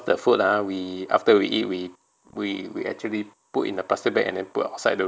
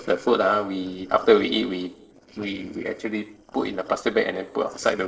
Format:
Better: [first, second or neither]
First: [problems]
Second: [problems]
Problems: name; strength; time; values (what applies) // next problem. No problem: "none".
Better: first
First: none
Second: noise reduction (neural separator model SepFormer DNS4)